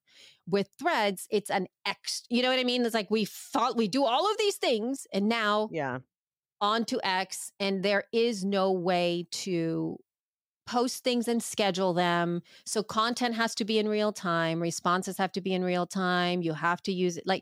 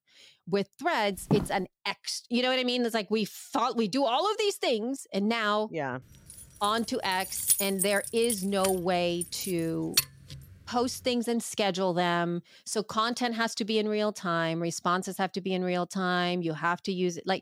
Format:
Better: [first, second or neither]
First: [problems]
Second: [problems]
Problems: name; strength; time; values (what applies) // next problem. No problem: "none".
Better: first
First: none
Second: footsteps; noticeable; at 1.5 s; peak 1 dB below the speech // jangling keys; loud; from 6.5 to 10 s; peak 4 dB above the speech